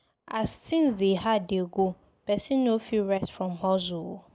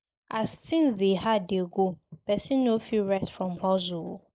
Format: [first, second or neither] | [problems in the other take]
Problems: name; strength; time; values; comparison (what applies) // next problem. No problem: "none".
first | noise reduction (neural mask model Resemble Enhance denoiser)